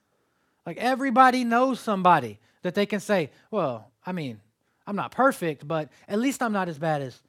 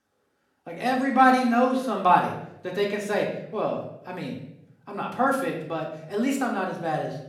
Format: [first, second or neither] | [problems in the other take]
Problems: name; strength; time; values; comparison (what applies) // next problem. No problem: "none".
first | room echo; slight; dies away in 0.6 s // off-mic speech; far